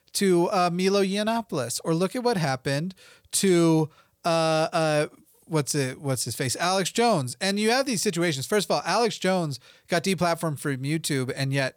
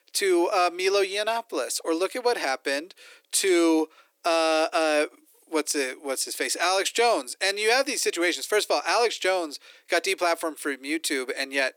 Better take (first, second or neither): first